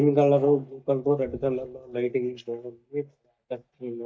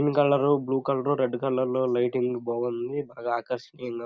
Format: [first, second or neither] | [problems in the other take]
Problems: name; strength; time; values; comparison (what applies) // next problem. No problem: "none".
second | noise reduction (neural mask model DeepFilterNet 3)